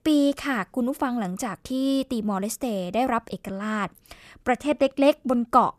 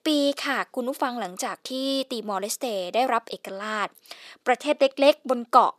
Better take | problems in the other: first | thin; somewhat; fading below 450 Hz

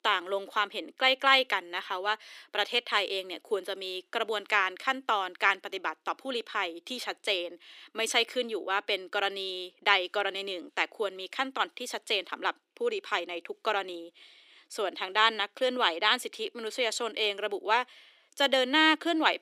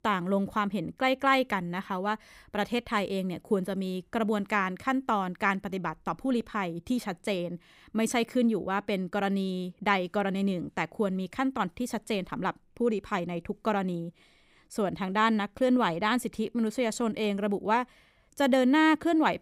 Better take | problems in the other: second | thin; very; fading below 300 Hz

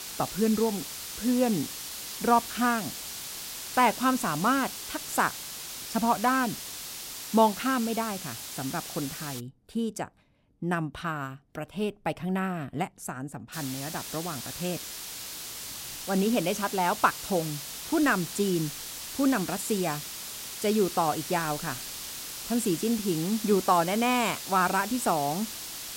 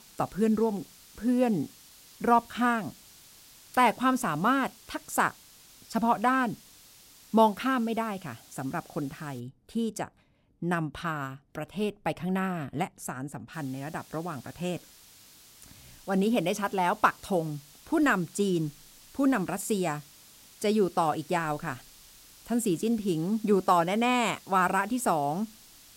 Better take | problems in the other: second | hiss; loud; until 9.5 s and from 14 s on; 7 dB below the speech; faint in the second

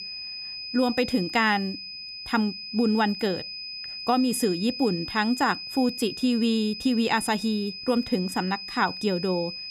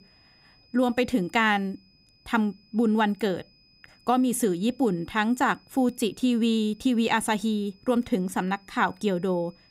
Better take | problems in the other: second | high-pitched whine; loud; throughout; 5 kHz, 8 dB below the speech; faint in the second

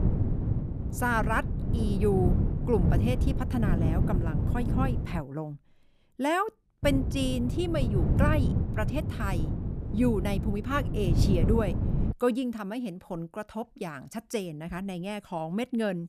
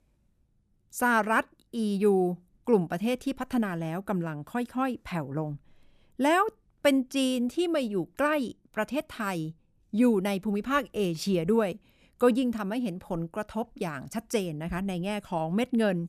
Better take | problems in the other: second | wind noise on the microphone; heavy; until 5 s and from 7 to 12 s; 7 dB below the speech

